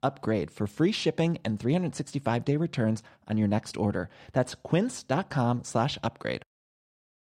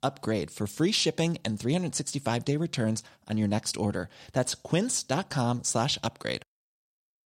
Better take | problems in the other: second | muffled; slightly; fading above 3.5 kHz

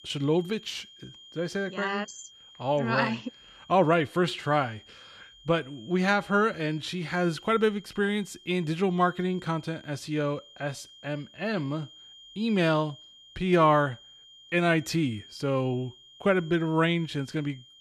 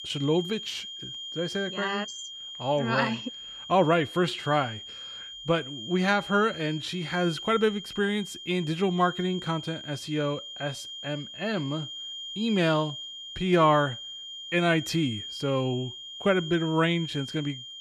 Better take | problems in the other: first | high-pitched whine; loud; throughout; 3 kHz, 10 dB below the speech; faint in the first

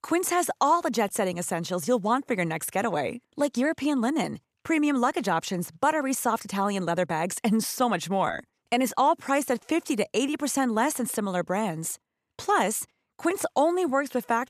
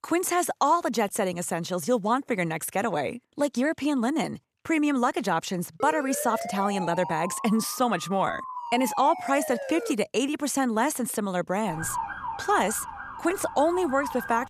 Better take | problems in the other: first | siren; noticeable; from 6 to 10 s and from 12 s on; peak 5 dB below the speech

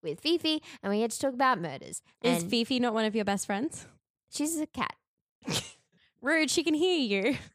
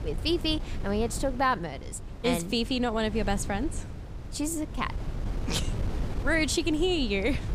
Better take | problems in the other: first | wind noise on the microphone; occasional gusts; 15 dB below the speech

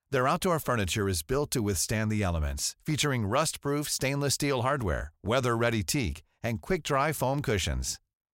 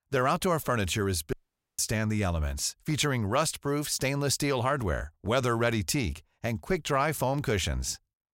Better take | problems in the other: first | audio cutting out; at 1.5 s

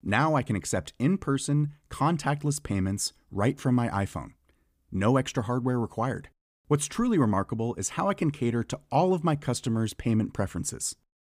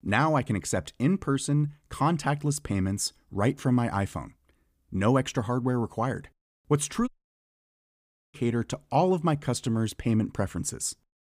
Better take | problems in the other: first | audio cutting out; at 7 s for 1.5 s

